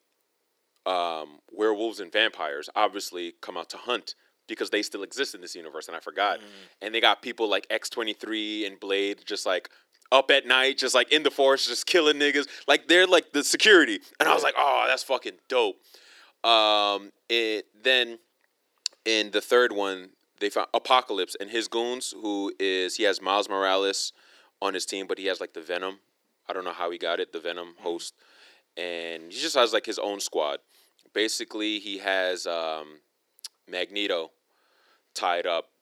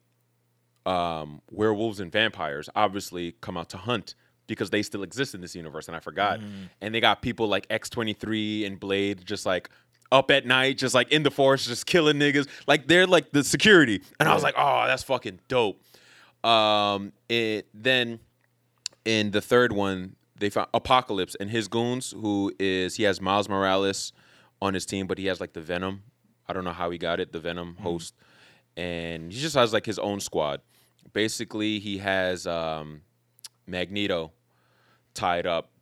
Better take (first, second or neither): second